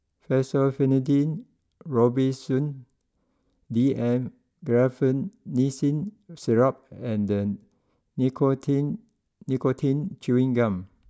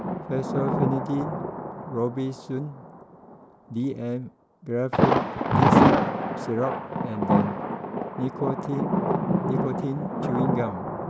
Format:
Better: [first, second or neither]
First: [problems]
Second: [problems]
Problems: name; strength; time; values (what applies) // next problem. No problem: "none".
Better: first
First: none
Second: background sound (Thunder); 5 dB above the speech